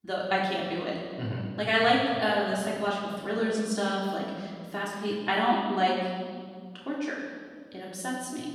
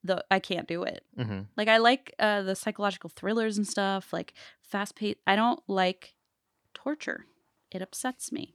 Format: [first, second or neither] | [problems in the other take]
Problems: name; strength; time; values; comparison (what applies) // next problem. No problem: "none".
second | off-mic speech; far // room echo; noticeable; dies away in 2 s